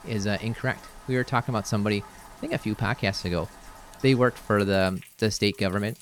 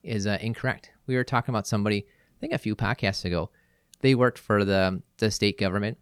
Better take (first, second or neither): second